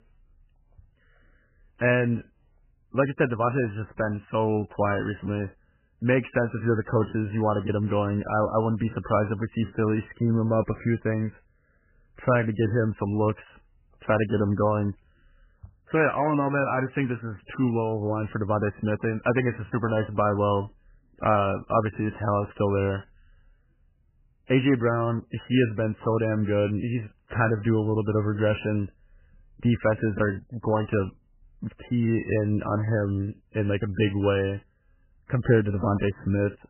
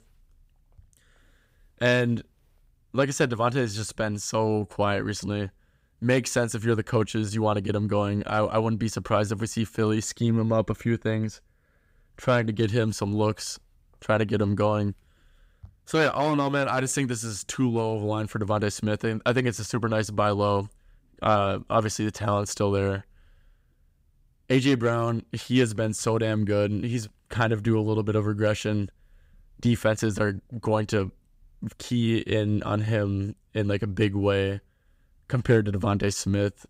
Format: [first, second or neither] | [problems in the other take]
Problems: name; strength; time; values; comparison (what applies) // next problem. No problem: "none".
second | garbled, watery; badly; nothing above 3 kHz